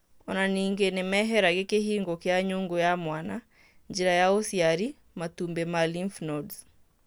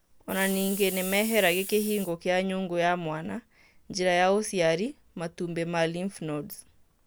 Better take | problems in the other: first | background sound (Hiss); 9 dB below the speech

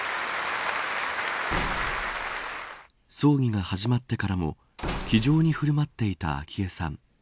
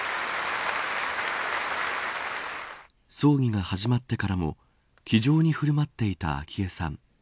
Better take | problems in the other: second | background sound (Slam / Wood); 12 dB below the speech

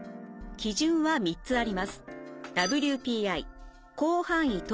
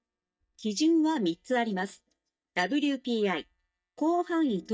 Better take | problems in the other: first | noise reduction (neural mask model DeepFilterNet 3)

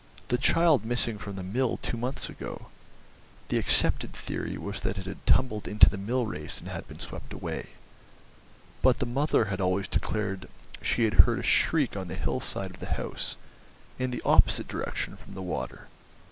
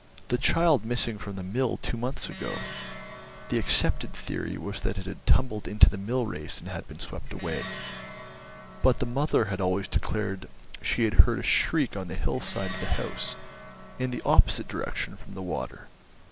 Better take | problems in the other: first | background sound (Plucked string instrument); 19 dB below the speech

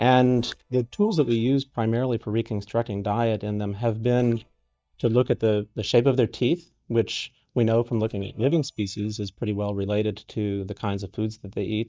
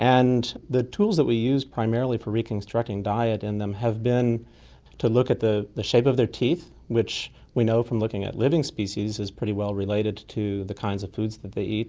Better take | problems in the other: second | noise reduction (neural mask model DeepFilterNet 3)

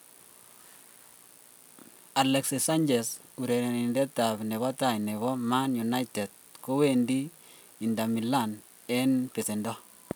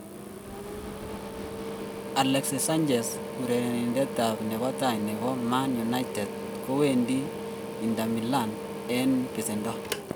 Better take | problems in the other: first | background sound (Mechanical fan); 7 dB below the speech

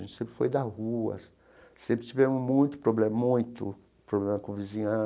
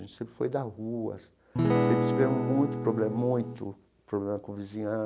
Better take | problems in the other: first | background sound (Acoustic guitar / Strum); 3 dB above the speech

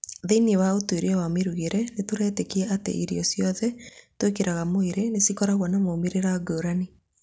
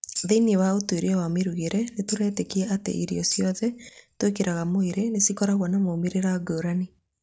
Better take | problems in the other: first | noise reduction (neural mask model RNNoise)

